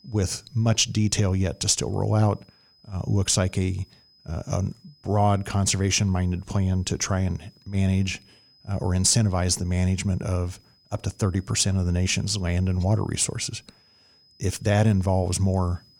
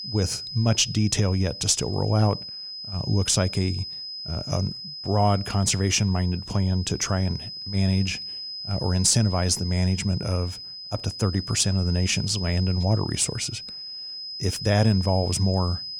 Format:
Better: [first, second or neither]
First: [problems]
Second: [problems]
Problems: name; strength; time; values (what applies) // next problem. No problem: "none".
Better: first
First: high-pitched whine; faint; throughout; 5 kHz, 30 dB below the speech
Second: high-pitched whine; loud; throughout; 5 kHz, 9 dB below the speech